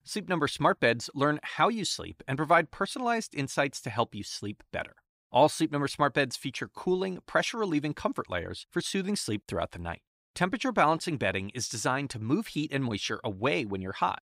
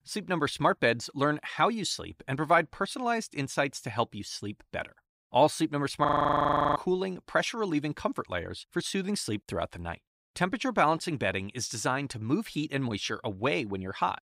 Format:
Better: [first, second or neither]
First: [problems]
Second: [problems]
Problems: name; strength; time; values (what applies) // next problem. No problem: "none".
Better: first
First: none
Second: audio freezing; at 6 s for 0.5 s